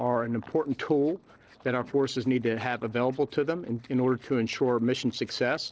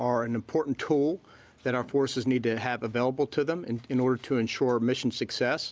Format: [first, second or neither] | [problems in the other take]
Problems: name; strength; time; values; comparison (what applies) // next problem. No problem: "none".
second | noise reduction (neural separator model SepFormer DNS4)